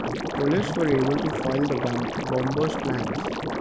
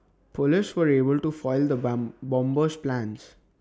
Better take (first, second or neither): second